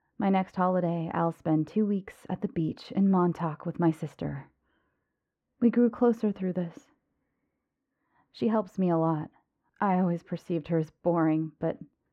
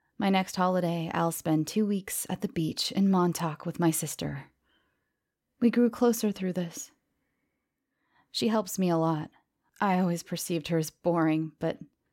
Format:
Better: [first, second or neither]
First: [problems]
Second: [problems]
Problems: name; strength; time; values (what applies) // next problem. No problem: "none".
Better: second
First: muffled; very; fading above 3.5 kHz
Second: none